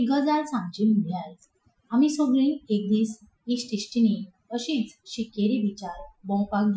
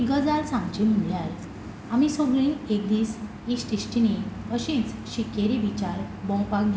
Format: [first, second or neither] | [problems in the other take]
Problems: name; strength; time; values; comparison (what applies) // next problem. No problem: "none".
second | noise reduction (classical method Wiener filter)